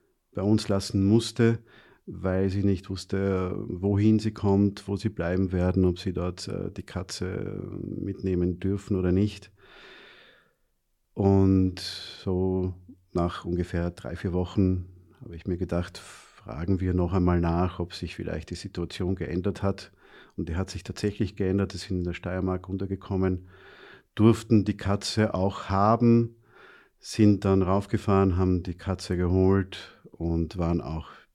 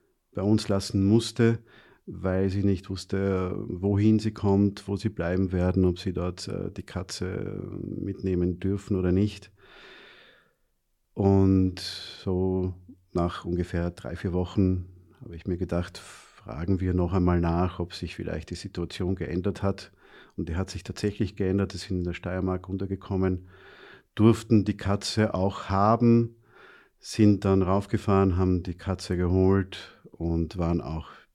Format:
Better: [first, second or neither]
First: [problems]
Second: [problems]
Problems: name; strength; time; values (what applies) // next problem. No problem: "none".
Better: neither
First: none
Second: none